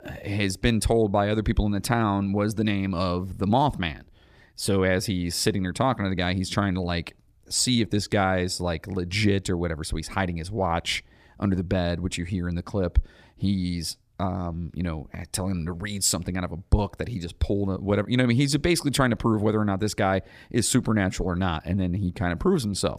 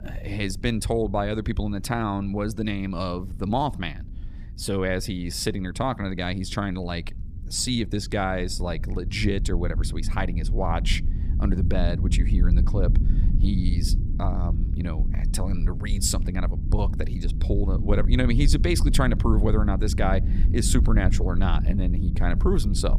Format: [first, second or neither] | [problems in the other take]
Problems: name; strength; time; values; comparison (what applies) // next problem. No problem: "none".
first | low rumble; noticeable; throughout; 10 dB below the speech